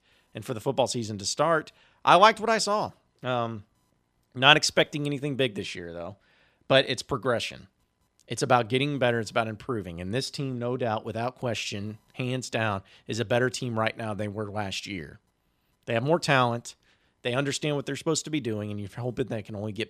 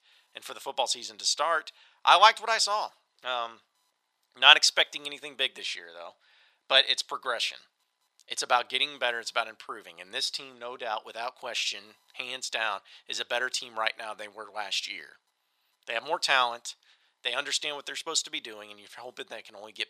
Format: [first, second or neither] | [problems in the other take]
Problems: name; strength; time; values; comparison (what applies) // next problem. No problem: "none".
first | thin; very; fading below 900 Hz